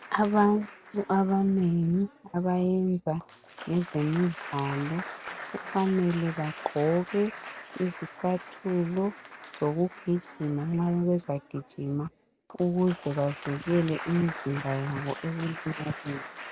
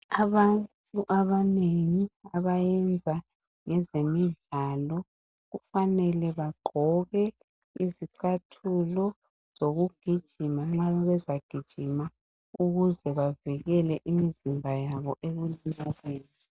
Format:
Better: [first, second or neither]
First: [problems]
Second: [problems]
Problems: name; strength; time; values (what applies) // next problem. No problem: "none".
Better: second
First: background sound (Applause); 15 dB below the speech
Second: none